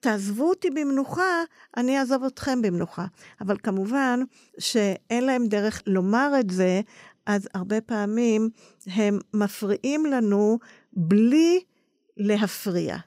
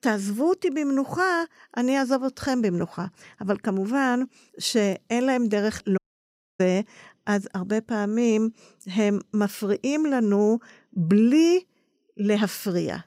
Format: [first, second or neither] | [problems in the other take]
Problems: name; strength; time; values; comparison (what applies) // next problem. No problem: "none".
first | audio cutting out; at 6 s for 0.5 s